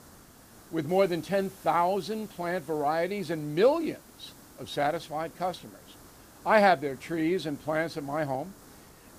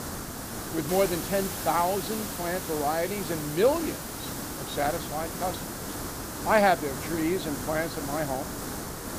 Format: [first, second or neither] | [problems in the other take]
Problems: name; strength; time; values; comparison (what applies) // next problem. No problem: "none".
first | hiss; loud; throughout; 5 dB below the speech; faint in the first